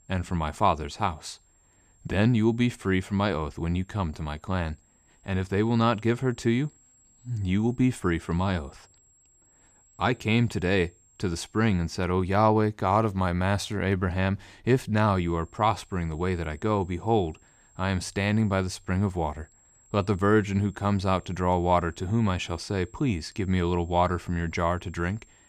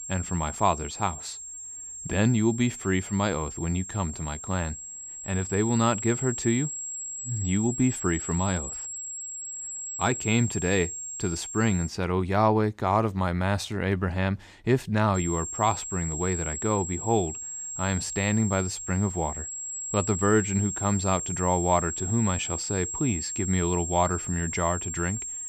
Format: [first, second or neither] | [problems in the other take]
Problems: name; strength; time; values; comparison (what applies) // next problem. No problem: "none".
first | high-pitched whine; loud; until 12 s and from 15 s on; 7.5 kHz, 6 dB below the speech; faint in the first